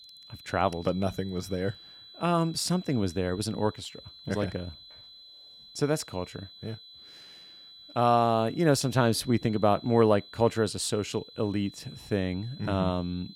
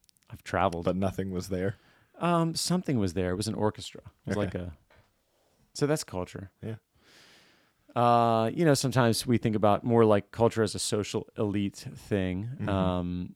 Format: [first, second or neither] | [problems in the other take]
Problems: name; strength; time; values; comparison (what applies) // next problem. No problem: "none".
second | high-pitched whine; noticeable; throughout; 4 kHz, 20 dB below the speech